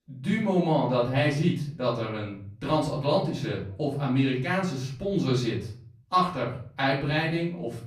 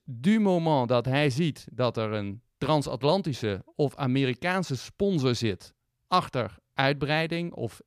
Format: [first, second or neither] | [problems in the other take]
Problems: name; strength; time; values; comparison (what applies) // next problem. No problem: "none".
second | room echo; slight; dies away in 0.5 s // off-mic speech; far